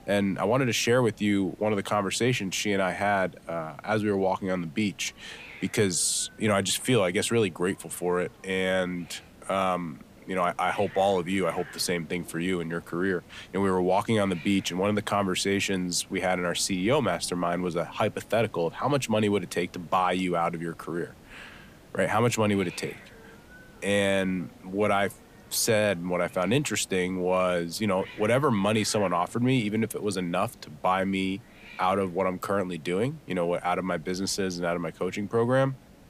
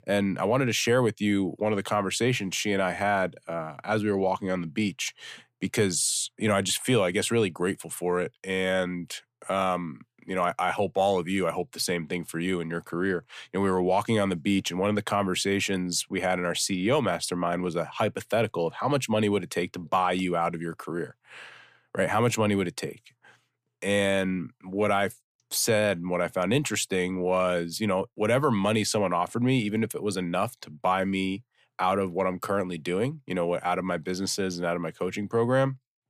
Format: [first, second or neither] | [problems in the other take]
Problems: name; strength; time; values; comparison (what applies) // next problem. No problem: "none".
second | hiss; faint; throughout; 25 dB below the speech